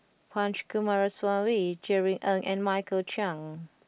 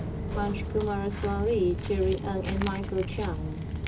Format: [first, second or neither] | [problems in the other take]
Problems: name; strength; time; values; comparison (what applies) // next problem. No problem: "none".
first | background sound (Walk, footsteps); 2 dB below the speech // room echo; dies away in 0.2 s